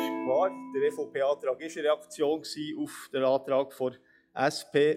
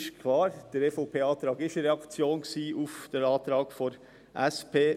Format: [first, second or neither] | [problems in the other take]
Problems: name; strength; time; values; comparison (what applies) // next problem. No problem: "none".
second | noise reduction (classical method log-MMSE)